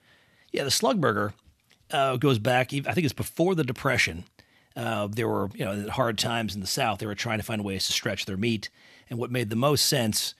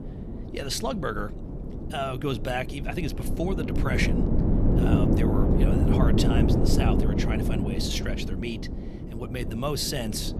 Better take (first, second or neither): first